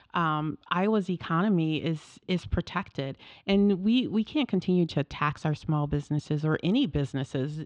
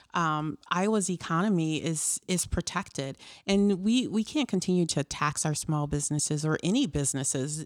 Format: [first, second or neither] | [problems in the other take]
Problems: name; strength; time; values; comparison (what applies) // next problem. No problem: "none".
second | muffled; very; fading above 3.5 kHz